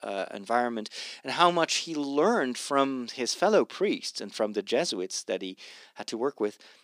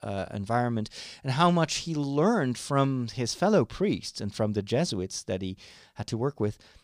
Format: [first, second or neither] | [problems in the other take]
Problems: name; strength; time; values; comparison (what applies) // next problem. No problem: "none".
second | thin; somewhat; fading below 250 Hz